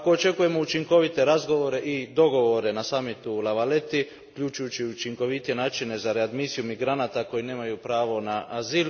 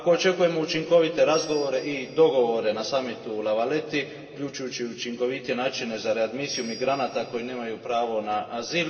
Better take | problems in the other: first | background sound (Bell); 19 dB below the speech // room echo; dies away in 2.4 s

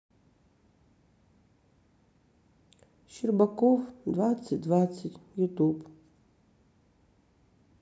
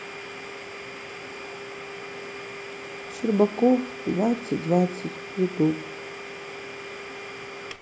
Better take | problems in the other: first | background sound (Domestic sounds, home sounds); 9 dB below the speech

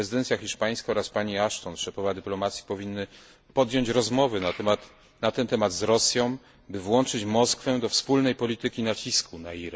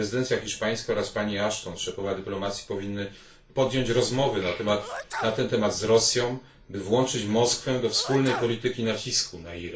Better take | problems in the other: first | background sound (Sneeze); 13 dB below the speech // room echo; dies away in 0.3 s

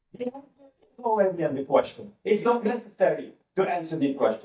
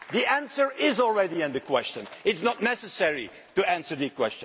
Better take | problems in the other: second | noise reduction (neural mask model DeepFilterNet 3)

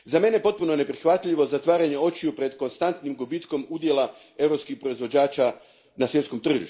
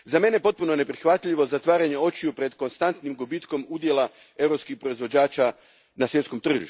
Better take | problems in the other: second | room echo; dies away in 0.5 s

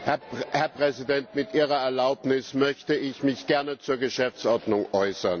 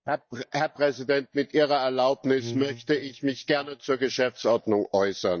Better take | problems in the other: first | noise reduction (neural mask model DeepFilterNet 3)

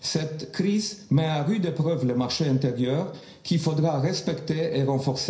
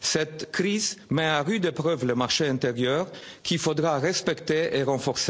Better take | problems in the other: second | room echo; dies away in 0.5 s

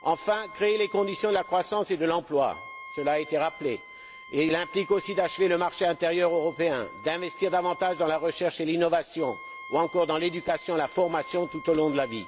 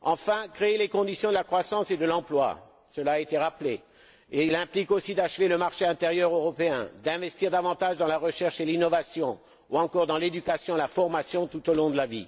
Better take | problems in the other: second | background sound (Wind instrument, woodwind instrument); 17 dB below the speech

